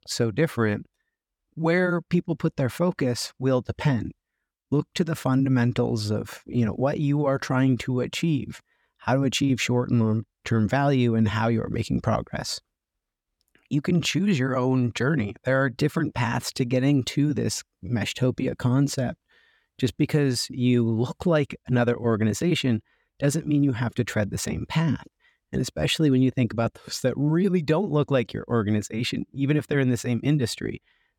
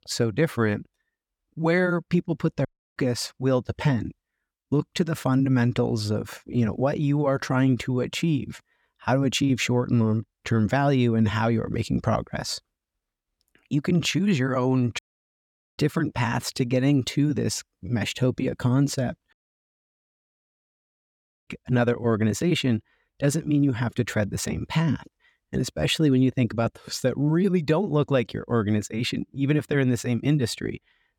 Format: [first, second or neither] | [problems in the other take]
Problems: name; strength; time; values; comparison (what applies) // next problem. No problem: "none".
first | audio cutting out; at 2.5 s, at 15 s for 1 s and at 19 s for 2 s